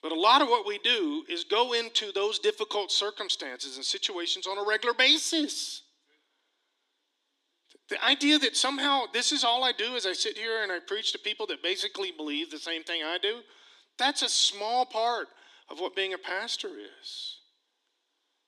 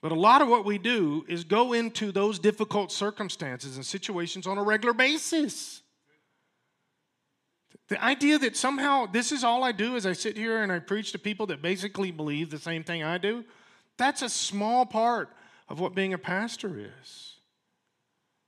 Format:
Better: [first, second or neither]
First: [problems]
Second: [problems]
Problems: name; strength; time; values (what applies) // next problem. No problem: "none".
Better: second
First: thin; very slightly; fading below 300 Hz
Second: none